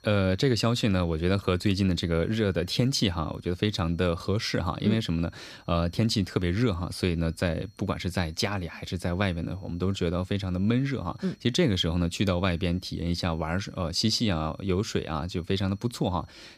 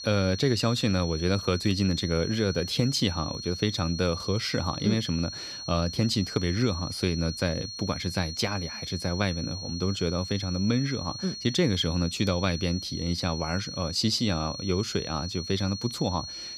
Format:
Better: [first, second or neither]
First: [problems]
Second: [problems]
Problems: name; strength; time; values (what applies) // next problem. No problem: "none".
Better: first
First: high-pitched whine; faint; throughout; 4.5 kHz, 35 dB below the speech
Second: high-pitched whine; loud; throughout; 4.5 kHz, 8 dB below the speech